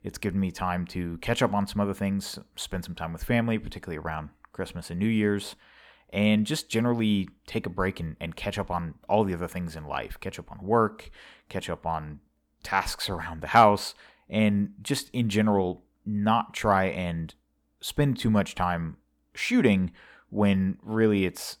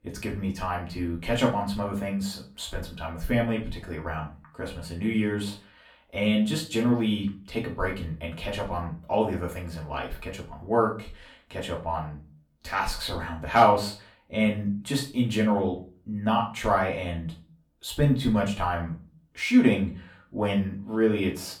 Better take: first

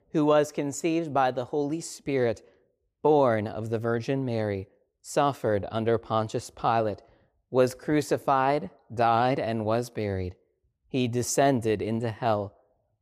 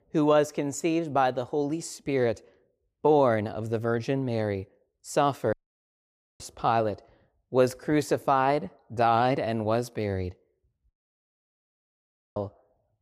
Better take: first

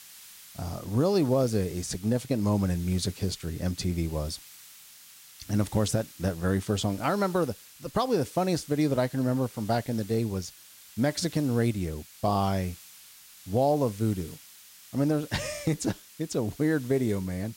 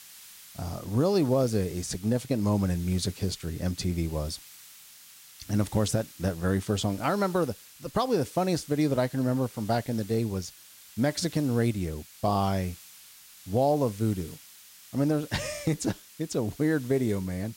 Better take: neither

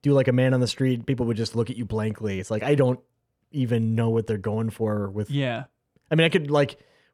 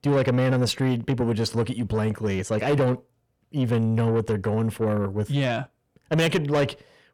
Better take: first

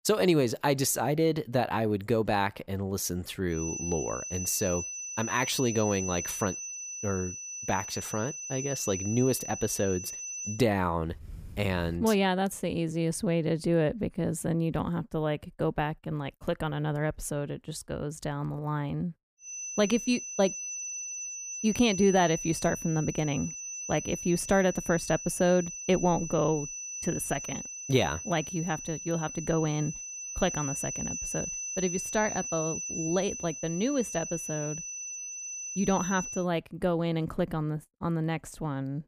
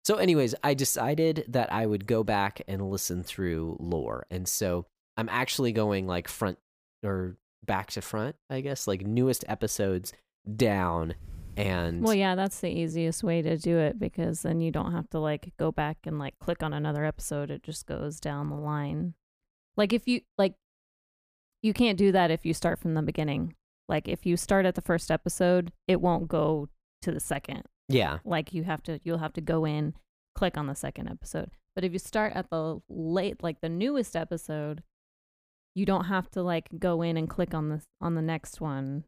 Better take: second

